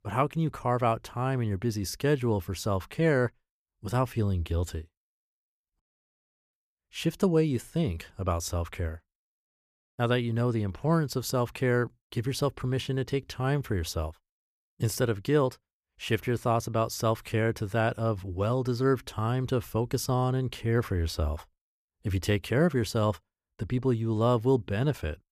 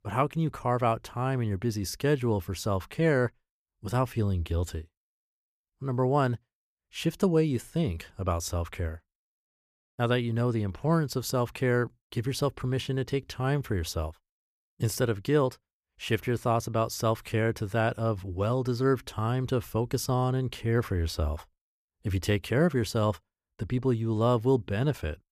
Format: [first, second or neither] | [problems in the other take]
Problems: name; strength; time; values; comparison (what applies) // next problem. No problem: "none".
second | audio cutting out; at 6 s for 0.5 s